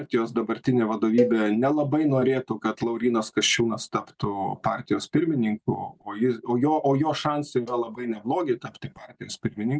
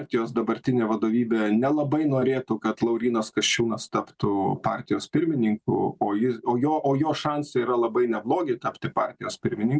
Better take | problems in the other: second | noise reduction (neural mask model DeepFilterNet 3)

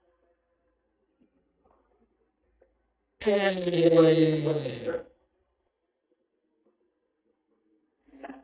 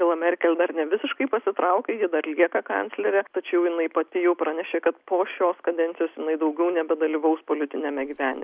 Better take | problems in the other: second | noise reduction (neural mask model DeepFilterNet 3)

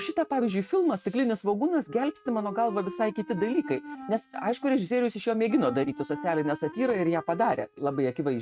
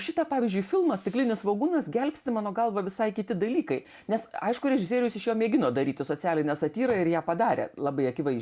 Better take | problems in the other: second | noise reduction (neural mask model RNNoise)

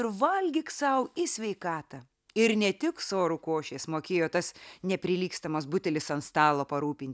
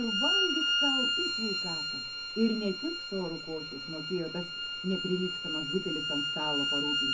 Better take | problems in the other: first | background sound (Bowed string instrument); 2 dB above the speech // room echo; dies away in 0.4 s

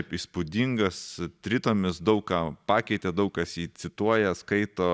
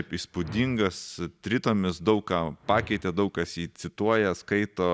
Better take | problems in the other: first | background sound (Whoosh, swoosh, swish); 19 dB below the speech

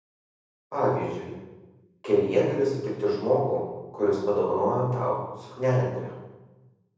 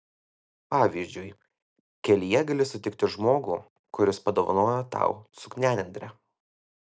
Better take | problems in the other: second | room echo; dies away in 1.1 s

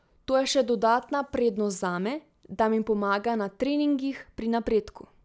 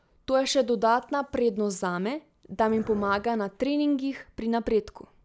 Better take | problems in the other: first | background sound (Dog); 20 dB below the speech

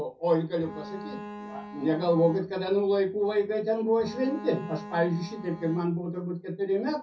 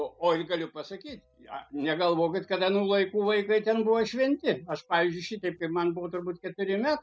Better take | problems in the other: second | background sound (Bowed string instrument); 14 dB below the speech // room echo; dies away in 0.3 s

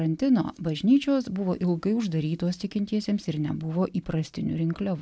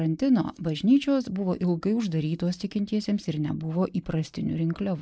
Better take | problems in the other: first | noise reduction (neural mask model Resemble Enhance denoiser)

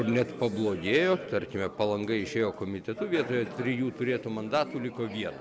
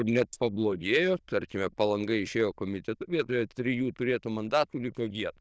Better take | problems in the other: first | noise reduction (neural diffusion model UNIVERSE++)

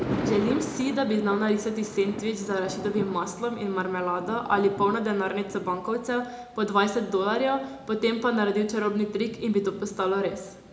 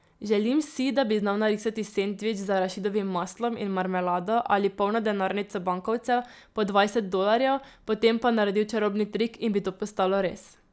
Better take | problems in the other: second | background sound (Thunder); 11 dB below the speech // room echo; dies away in 0.6 s

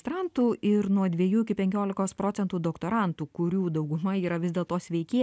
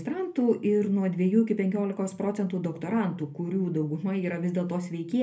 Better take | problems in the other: first | room echo; dies away in 0.3 s

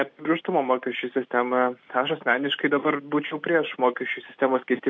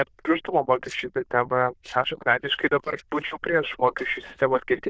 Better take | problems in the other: first | noise reduction (neural diffusion model UNIVERSE++)

